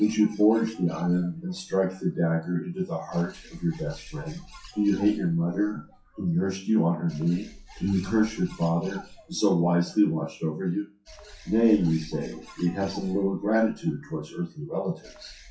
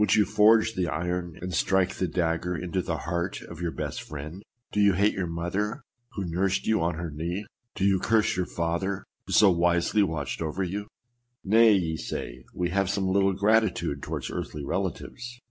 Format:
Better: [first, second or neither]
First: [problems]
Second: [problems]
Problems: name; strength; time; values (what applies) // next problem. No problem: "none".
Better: second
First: noise reduction (classical method WPE with log-MMSE)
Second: none